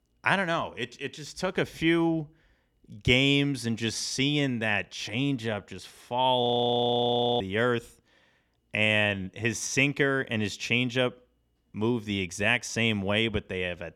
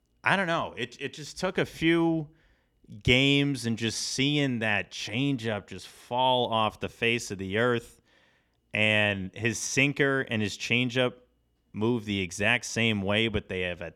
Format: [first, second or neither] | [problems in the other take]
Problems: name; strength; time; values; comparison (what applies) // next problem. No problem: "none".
second | audio freezing; at 6.5 s for 1 s